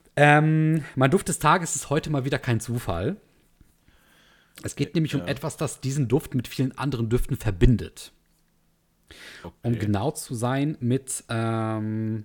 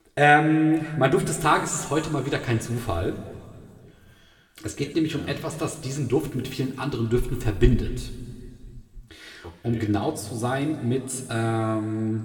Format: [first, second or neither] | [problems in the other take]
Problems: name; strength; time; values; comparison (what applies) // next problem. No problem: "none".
first | room echo; slight; dies away in 1.9 s // off-mic speech; somewhat distant